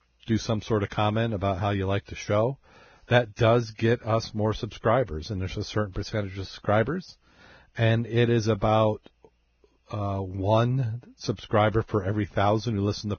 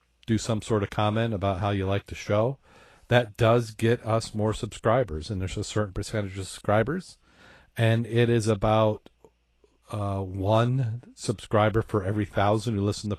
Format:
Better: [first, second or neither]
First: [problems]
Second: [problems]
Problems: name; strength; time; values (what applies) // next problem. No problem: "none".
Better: second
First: garbled, watery; badly; nothing above 6.5 kHz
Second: garbled, watery; slightly; nothing above 13.5 kHz